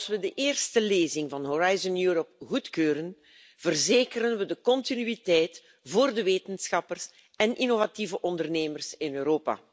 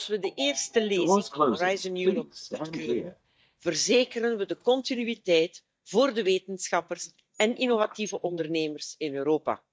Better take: first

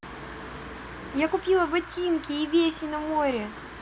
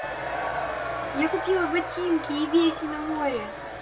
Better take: first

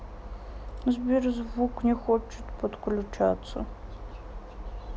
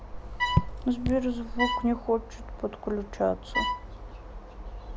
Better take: first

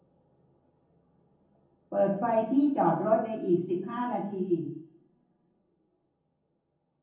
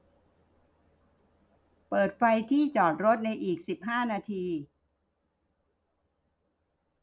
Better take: second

